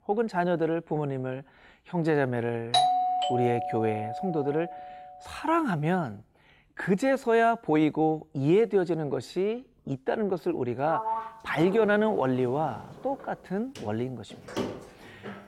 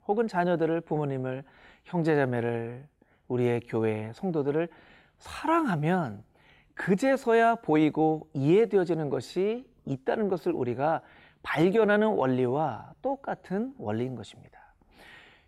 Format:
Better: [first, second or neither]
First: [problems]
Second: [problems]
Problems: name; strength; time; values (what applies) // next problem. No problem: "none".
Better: second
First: doorbell; loud; from 2.5 to 4.5 s; peak 5 dB above the speech // door banging; noticeable; from 11 s on; peak 3 dB below the speech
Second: none